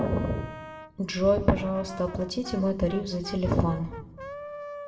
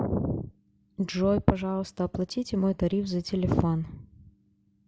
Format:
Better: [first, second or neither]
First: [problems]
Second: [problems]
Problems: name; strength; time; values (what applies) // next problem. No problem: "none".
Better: second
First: background sound (Brass instrument); 15 dB below the speech // room echo; dies away in 0.9 s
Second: none